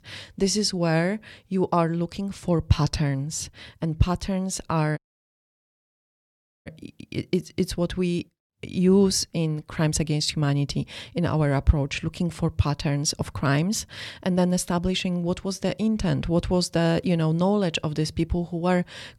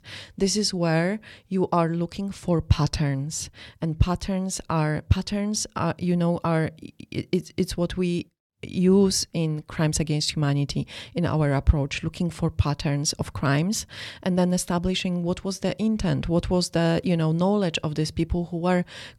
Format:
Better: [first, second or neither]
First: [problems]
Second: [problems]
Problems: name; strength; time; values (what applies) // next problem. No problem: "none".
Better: second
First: audio cutting out; at 5 s for 1.5 s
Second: none